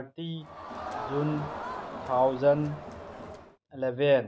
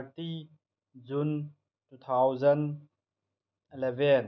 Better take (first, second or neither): second